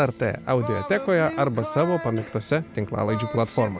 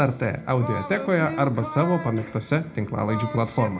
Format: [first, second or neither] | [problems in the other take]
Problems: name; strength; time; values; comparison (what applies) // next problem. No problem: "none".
first | room echo; dies away in 0.2 s